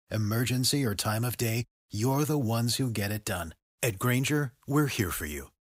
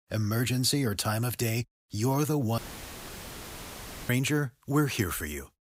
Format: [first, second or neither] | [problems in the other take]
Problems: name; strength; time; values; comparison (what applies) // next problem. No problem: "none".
first | audio cutting out; filled with static; at 2.5 s for 1.5 s